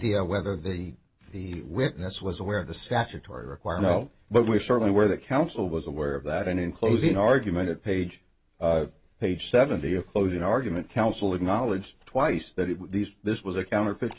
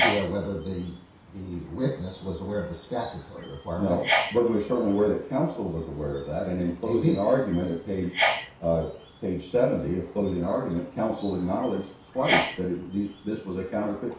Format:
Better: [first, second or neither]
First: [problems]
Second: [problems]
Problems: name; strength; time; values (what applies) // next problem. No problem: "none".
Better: first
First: none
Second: background sound (Sneeze); 6 dB below the speech // room echo; dies away in 0.6 s